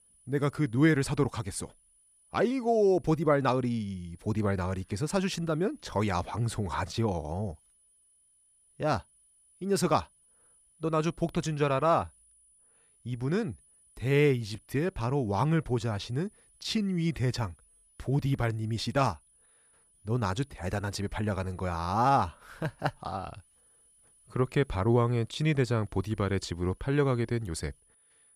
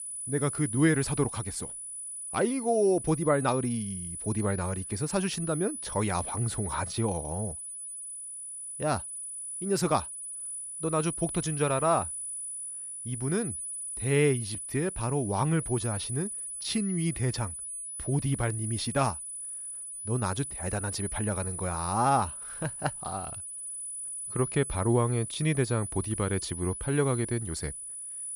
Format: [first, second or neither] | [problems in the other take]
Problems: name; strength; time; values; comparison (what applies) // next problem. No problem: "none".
first | high-pitched whine; loud; throughout; 10 kHz, 5 dB below the speech; faint in the first